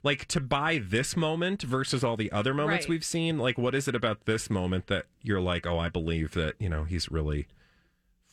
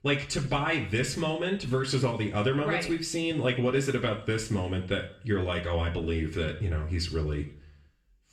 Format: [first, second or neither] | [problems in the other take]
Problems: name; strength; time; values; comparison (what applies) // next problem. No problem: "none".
first | room echo; slight; dies away in 0.5 s // off-mic speech; somewhat distant